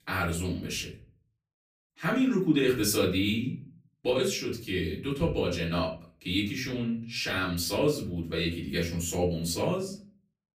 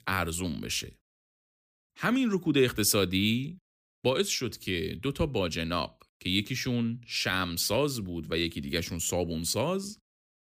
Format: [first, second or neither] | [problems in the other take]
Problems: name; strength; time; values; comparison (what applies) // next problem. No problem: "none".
second | off-mic speech; far // room echo; slight; dies away in 0.4 s